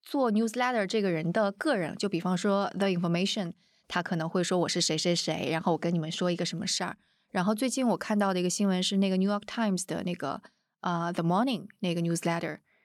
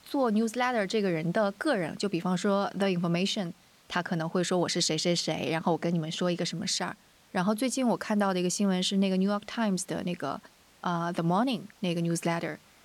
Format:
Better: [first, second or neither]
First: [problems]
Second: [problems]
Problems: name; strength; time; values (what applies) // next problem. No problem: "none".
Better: first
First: none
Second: hiss; faint; throughout; 30 dB below the speech